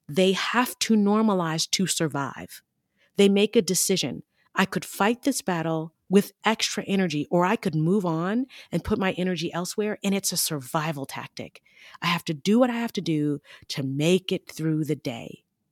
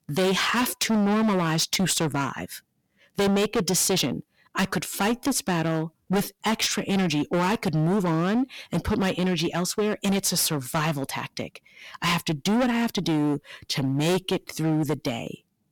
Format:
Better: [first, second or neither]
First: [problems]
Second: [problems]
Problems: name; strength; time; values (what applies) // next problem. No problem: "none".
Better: first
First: none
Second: distortion; heavy; 19% of the sound clipped